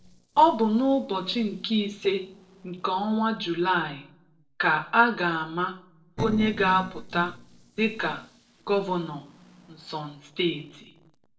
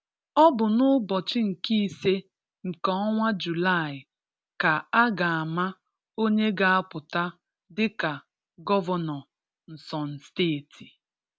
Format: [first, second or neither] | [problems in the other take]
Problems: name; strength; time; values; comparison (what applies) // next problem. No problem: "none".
second | noise reduction (neural separator model SepFormer DNS4)